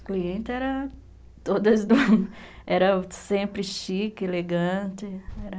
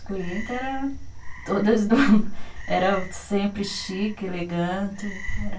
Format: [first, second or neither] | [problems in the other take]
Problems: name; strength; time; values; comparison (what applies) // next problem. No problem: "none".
first | background sound (Frog); 20 dB below the speech // room echo; dies away in 0.2 s